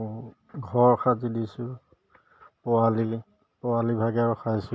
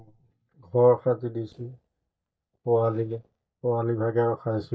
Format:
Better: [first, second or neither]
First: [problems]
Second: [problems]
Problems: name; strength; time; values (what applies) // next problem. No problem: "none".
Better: first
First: none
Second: noise reduction (neural mask model DeepFilterNet 3)